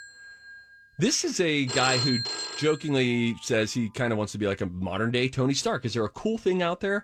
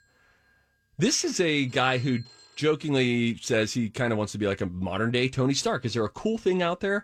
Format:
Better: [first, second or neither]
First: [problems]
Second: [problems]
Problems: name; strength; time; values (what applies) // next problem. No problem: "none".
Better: second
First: alarms or sirens; loud; throughout; 3 dB below the speech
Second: alarms or sirens; faint; throughout; 25 dB below the speech